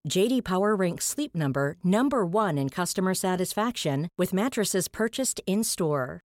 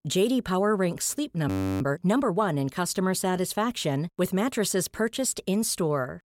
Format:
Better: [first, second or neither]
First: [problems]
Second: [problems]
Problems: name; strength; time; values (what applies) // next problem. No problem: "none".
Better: first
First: none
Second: audio freezing; at 1.5 s